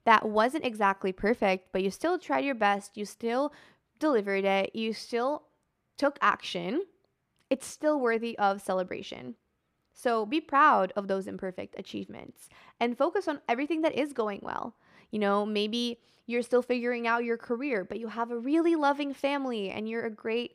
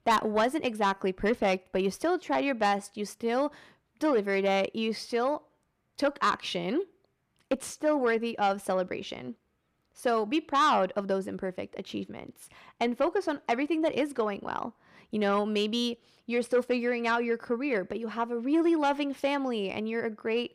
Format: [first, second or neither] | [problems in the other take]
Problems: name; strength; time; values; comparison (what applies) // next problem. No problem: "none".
first | distortion; slight; 10 dB below the speech